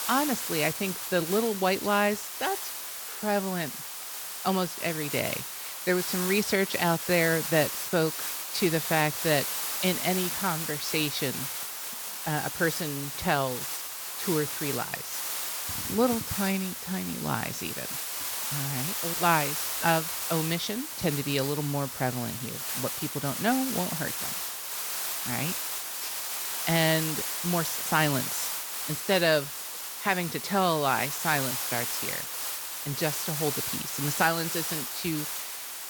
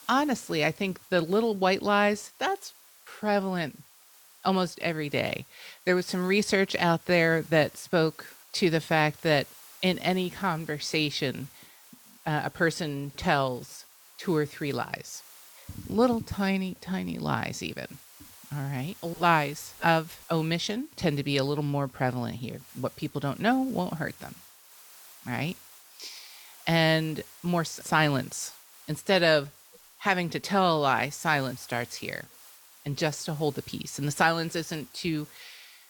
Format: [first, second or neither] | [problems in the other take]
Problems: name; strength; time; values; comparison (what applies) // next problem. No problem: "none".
second | hiss; loud; throughout; 2 dB below the speech; faint in the second